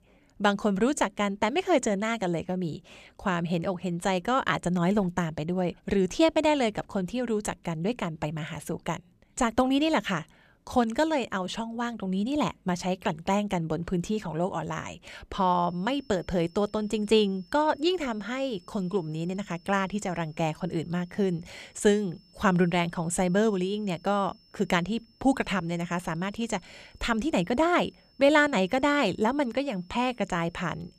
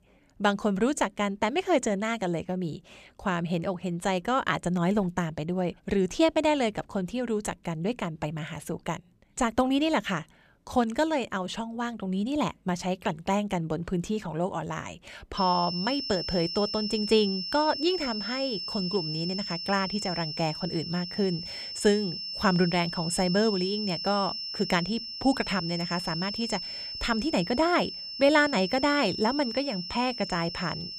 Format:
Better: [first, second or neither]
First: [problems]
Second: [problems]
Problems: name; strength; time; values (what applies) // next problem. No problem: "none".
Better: first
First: high-pitched whine; faint; from 15 s on; 5.5 kHz, 30 dB below the speech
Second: high-pitched whine; loud; from 15 s on; 5.5 kHz, 5 dB below the speech